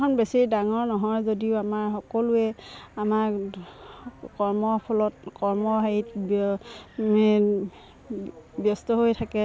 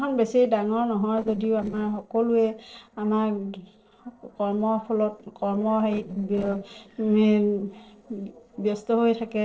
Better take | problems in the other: first | noise reduction (neural separator model SepFormer DNS4)

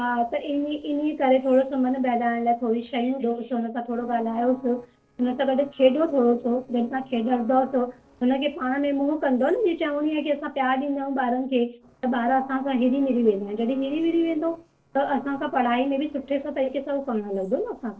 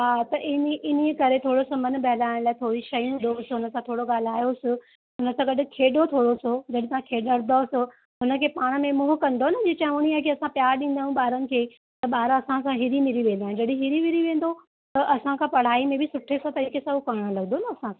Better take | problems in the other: second | noise reduction (neural separator model SepFormer DNS4)

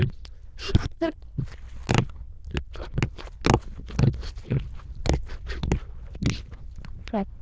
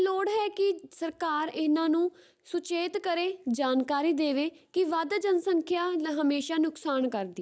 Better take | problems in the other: second | noise reduction (neural diffusion model UNIVERSE++)

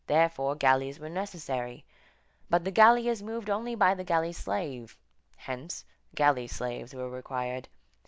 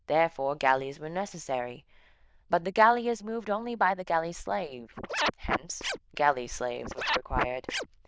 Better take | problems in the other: first | noise reduction (neural diffusion model UNIVERSE++)

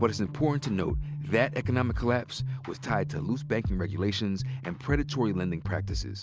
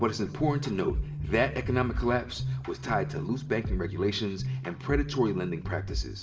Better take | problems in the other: first | background sound (Bowed string instrument); 16 dB below the speech // room echo; dies away in 1 s

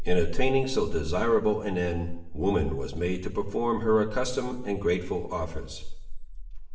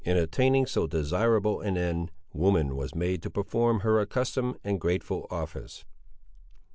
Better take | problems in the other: second | room echo; dies away in 0.8 s

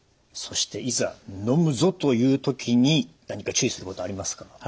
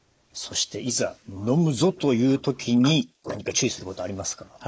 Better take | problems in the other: first | noise reduction (neural mask model Resemble Enhance denoiser)

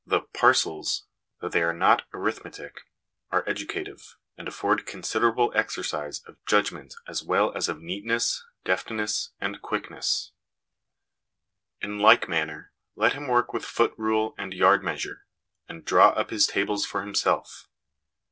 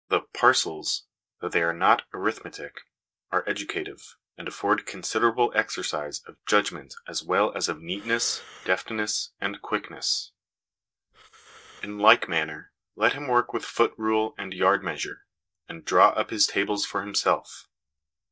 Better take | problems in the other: first | noise reduction (neural mask model DeepFilterNet 3)

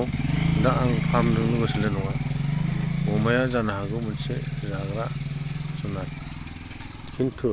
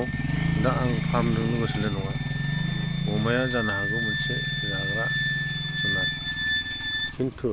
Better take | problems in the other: first | background sound (Wind instrument, woodwind instrument); 4 dB below the speech

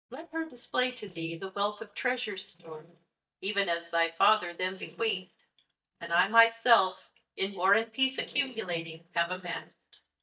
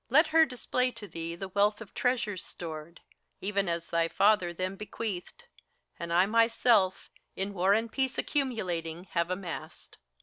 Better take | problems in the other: second | noise reduction (neural mask model DeepFilterNet 3)

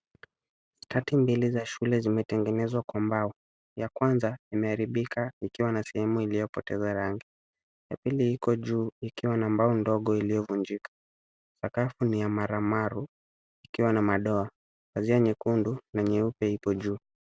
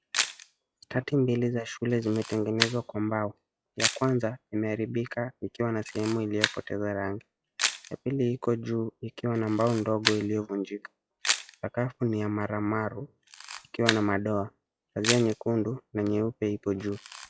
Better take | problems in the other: first | noise reduction (classical method log-MMSE)

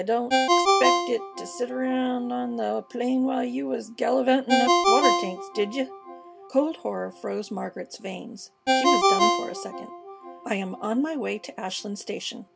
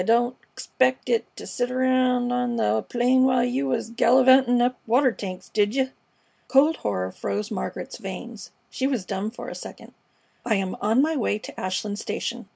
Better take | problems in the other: second | background sound (Ringtone); 1 dB above the speech

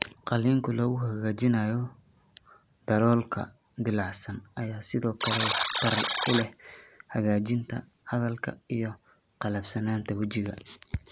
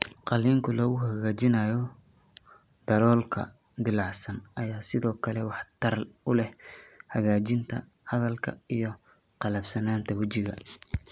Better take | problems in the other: second | background sound (Alarm); 3 dB below the speech

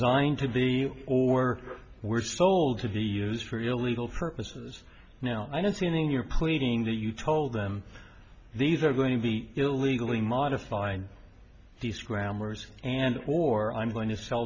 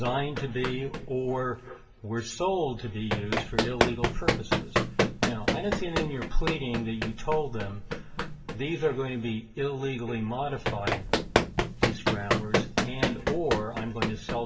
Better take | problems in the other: first | background sound (Run); 1 dB above the speech // room echo; dies away in 0.2 s

